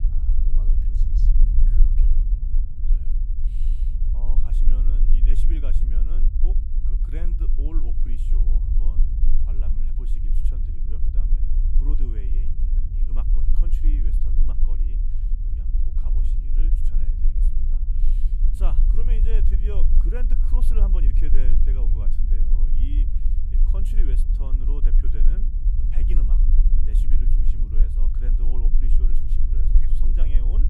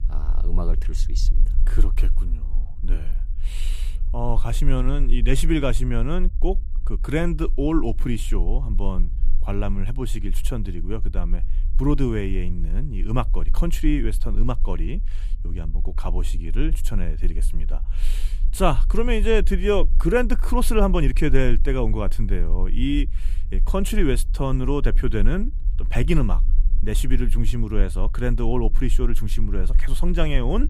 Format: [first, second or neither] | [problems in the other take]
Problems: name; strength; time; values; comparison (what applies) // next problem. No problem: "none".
second | low rumble; loud; throughout; 1 dB below the speech; faint in the second